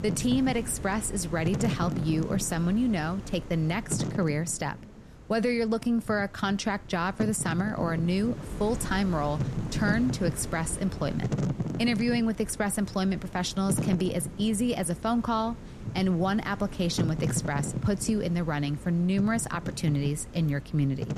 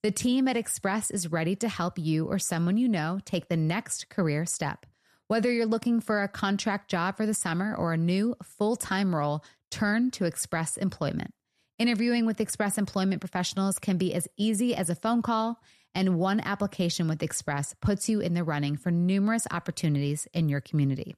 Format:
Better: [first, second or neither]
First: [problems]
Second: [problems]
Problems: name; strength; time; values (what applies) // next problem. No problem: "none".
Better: second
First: wind noise on the microphone; occasional gusts; 10 dB below the speech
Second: none